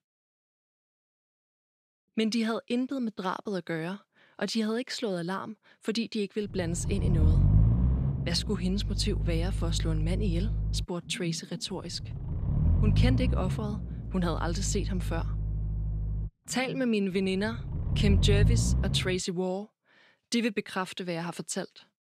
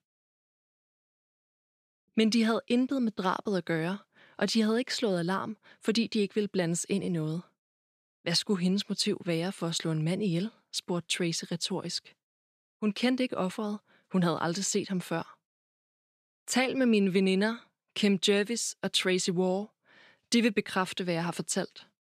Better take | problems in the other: second | low rumble; loud; from 6.5 to 19 s; 9 dB below the speech

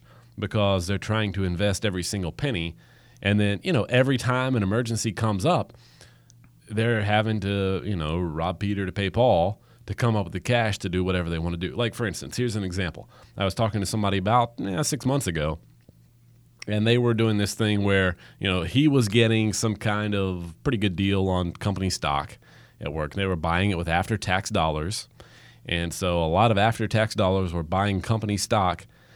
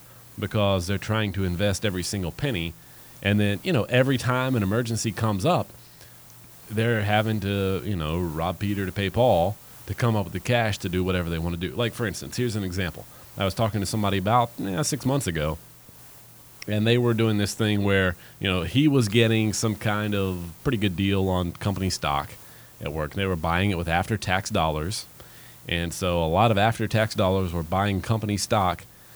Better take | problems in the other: first | hiss; faint; throughout; 20 dB below the speech

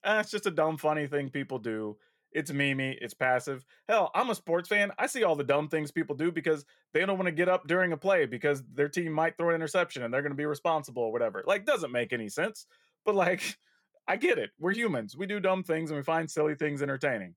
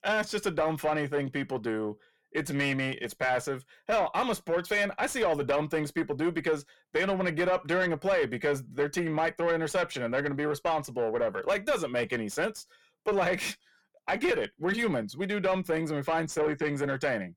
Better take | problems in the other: first | distortion; slight; 10 dB below the speech

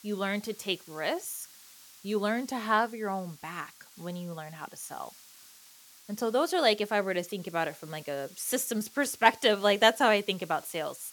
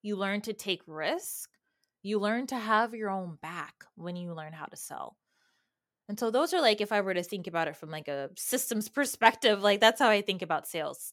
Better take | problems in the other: second | hiss; faint; throughout; 20 dB below the speech

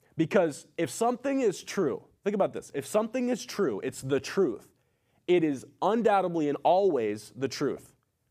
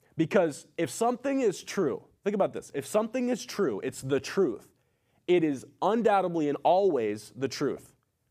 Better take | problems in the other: neither | none

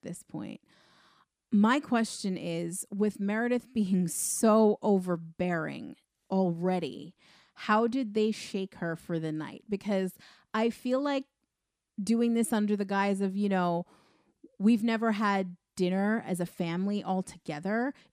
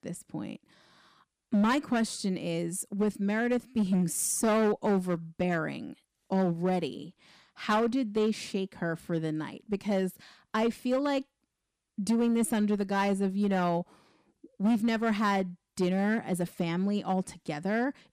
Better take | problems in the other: first | distortion; slight; 6% of the sound clipped

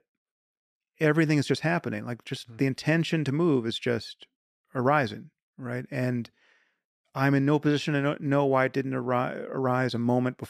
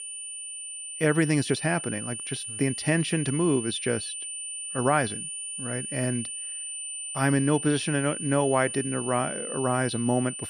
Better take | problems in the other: first | high-pitched whine; loud; throughout; 9 kHz, 6 dB below the speech

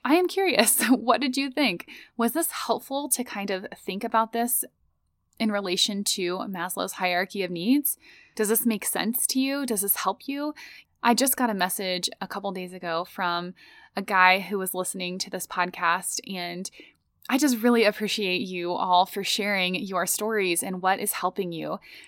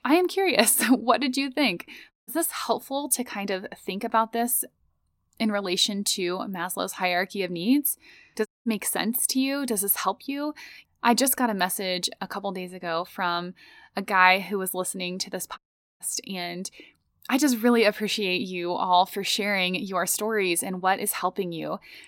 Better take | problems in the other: first | audio cutting out; at 2 s, at 8.5 s and at 16 s

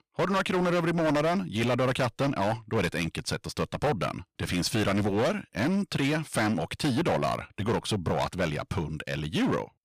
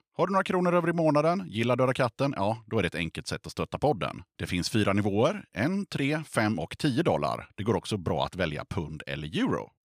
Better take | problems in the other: second | distortion; heavy; 16% of the sound clipped

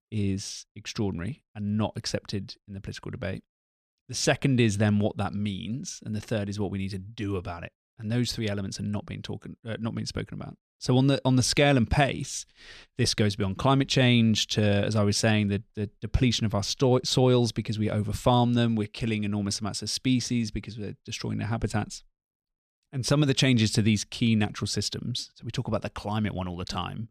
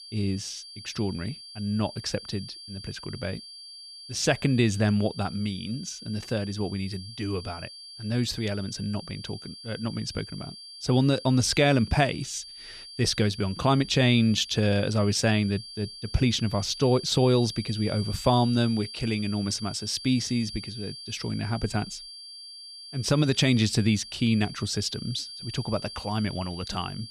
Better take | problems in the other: first | high-pitched whine; noticeable; throughout; 4.5 kHz, 15 dB below the speech

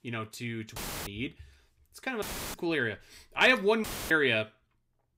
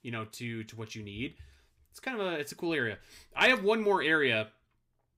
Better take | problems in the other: second | audio cutting out; filled with static; at 1 s, at 2 s and at 4 s

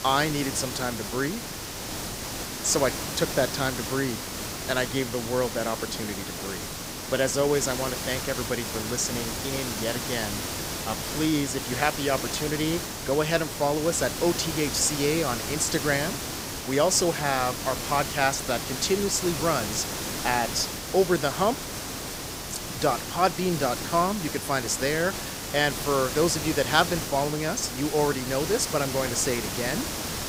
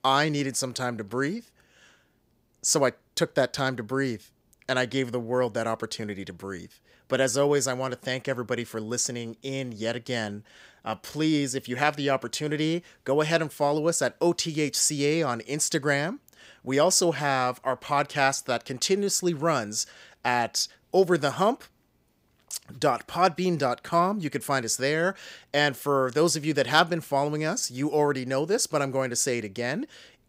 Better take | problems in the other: second | hiss; loud; throughout; 5 dB below the speech

